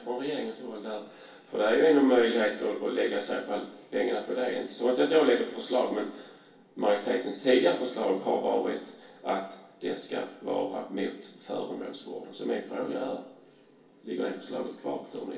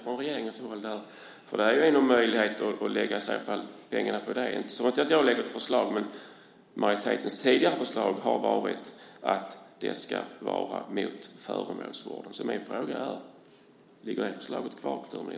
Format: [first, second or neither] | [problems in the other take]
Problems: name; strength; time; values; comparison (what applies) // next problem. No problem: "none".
second | room echo; dies away in 0.2 s